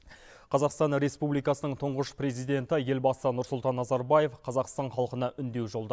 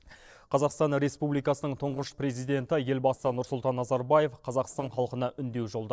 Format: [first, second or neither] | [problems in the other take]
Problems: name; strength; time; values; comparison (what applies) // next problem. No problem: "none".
first | noise reduction (neural separator model SepFormer DNS4)